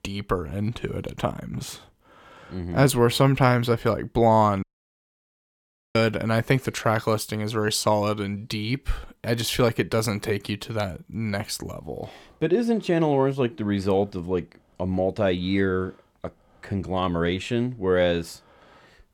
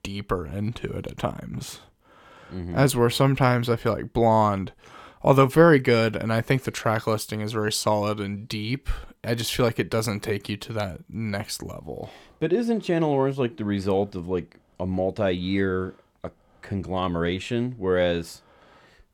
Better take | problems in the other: second | audio cutting out; at 4.5 s for 1.5 s

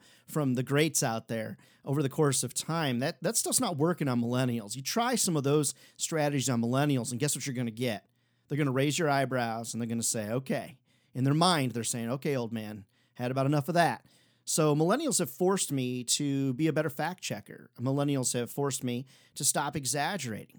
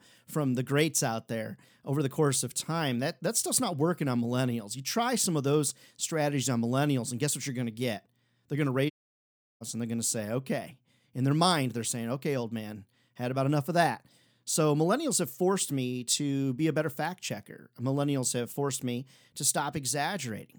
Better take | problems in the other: first | audio cutting out; at 9 s for 0.5 s

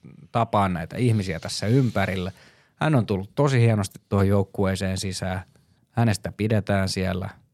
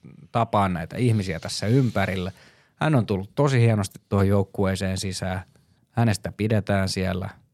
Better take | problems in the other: neither | none

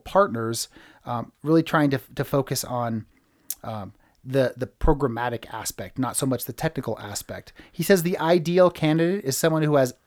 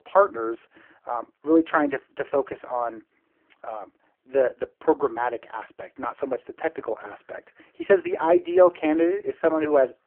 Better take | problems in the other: first | phone-call audio; poor line

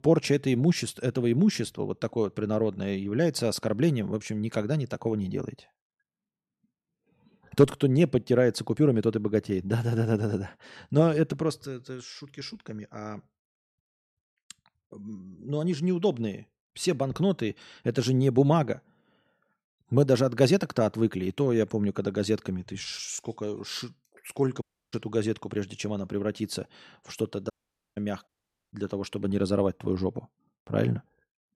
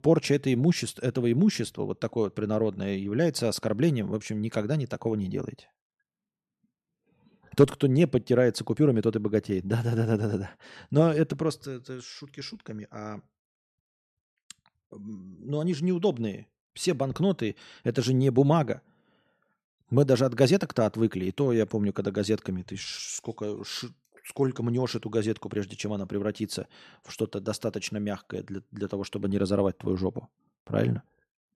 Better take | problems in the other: second | audio cutting out; at 25 s and at 28 s

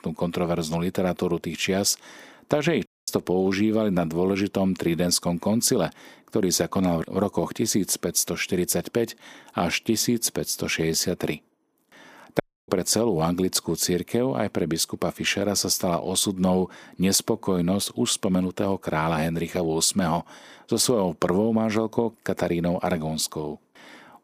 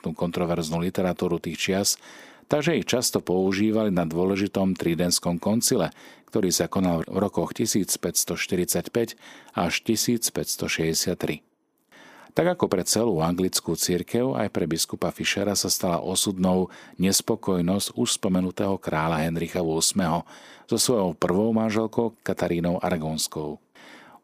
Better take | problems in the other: second | audio cutting out; at 3 s and at 12 s

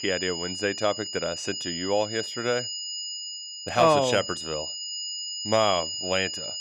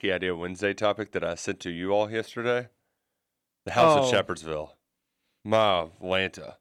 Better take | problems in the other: second | high-pitched whine; loud; throughout; 5 kHz, 5 dB below the speech

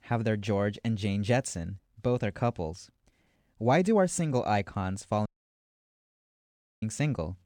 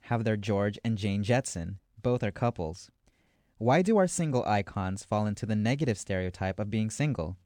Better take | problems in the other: second | audio cutting out; at 5.5 s for 1.5 s

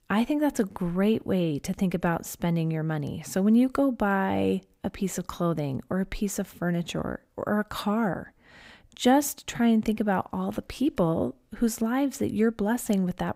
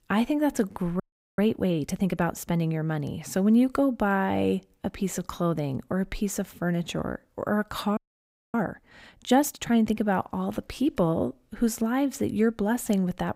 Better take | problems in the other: first | audio freezing; at 1 s and at 8 s for 0.5 s

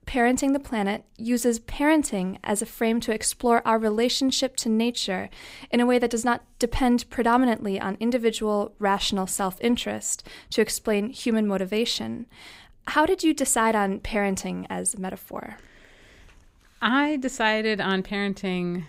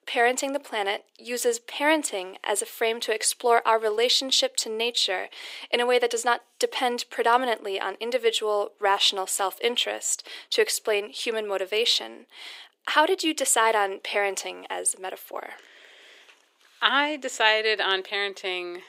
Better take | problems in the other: first | thin; very; fading below 350 Hz

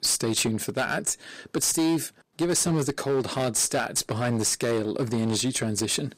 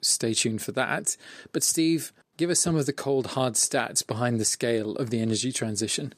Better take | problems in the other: second | distortion; slight; 13% of the sound clipped

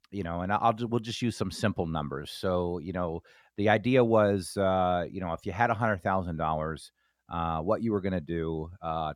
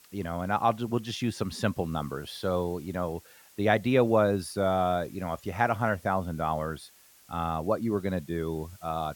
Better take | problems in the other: first | hiss; faint; throughout; 25 dB below the speech

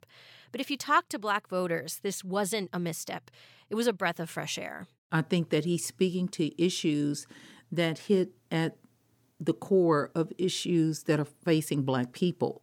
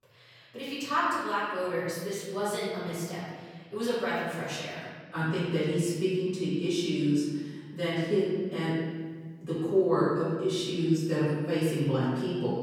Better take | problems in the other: first | off-mic speech; far // room echo; strong; dies away in 1.5 s

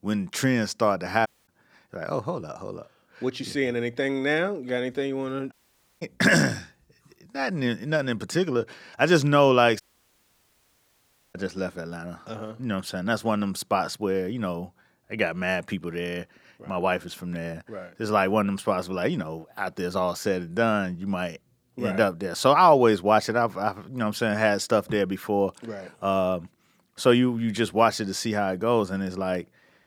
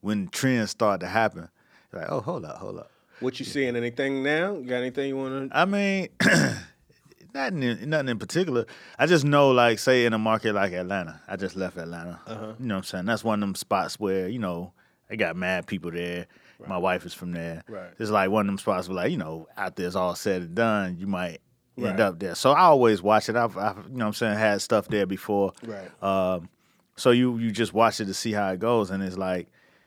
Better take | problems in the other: second | audio cutting out; at 1.5 s, at 5.5 s and at 10 s for 1.5 s

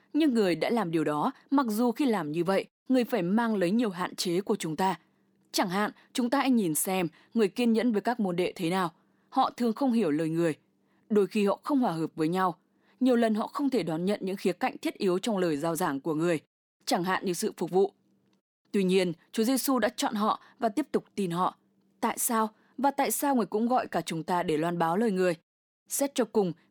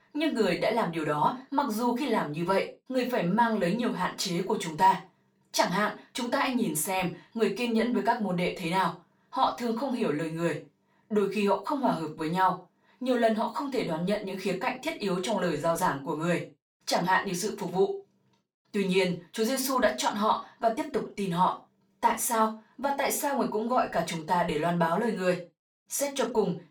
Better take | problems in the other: first | room echo; very slight; dies away in 0.2 s // off-mic speech; far

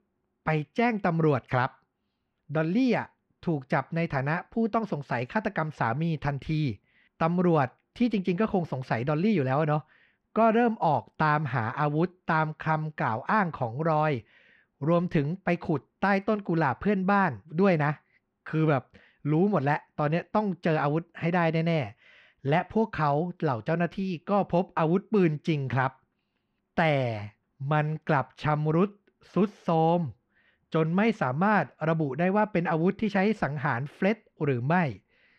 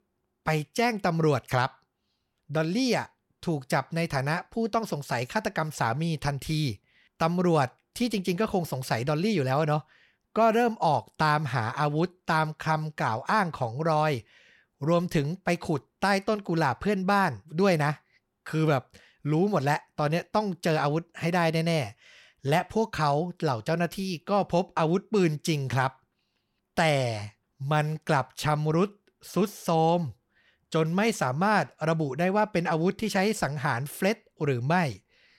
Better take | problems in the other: second | muffled; slightly; fading above 2.5 kHz

